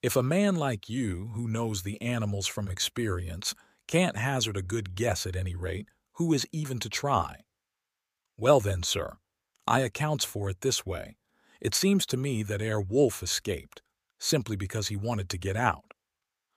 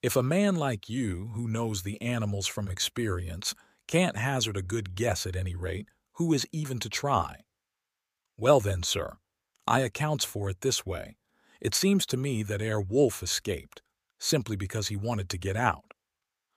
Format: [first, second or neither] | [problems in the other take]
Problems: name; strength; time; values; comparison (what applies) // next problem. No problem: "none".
neither | none